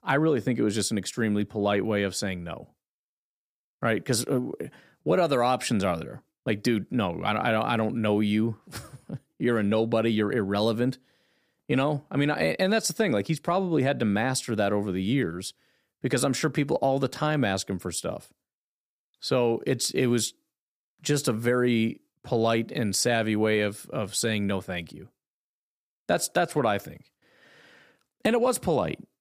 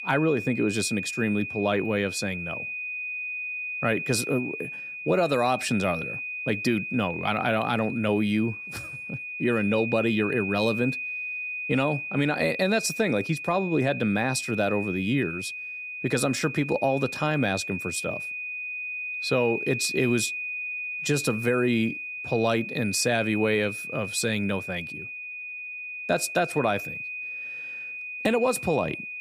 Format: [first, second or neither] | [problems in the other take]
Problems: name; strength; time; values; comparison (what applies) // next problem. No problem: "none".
first | high-pitched whine; loud; throughout; 2.5 kHz, 6 dB below the speech